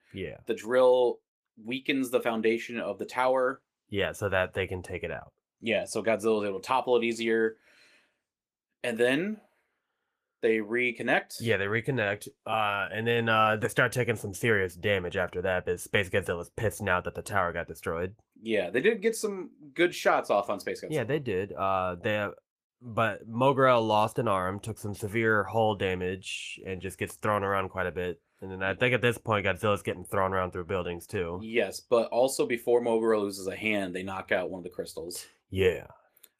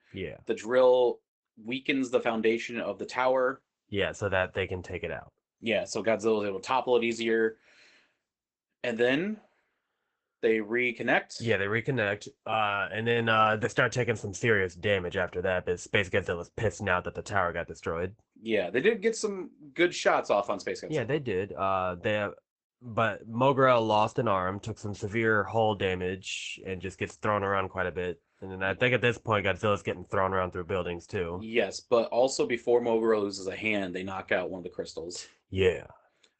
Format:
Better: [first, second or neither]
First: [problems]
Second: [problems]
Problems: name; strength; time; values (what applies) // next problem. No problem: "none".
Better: first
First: garbled, watery; slightly; nothing above 14.5 kHz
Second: garbled, watery; badly; nothing above 8 kHz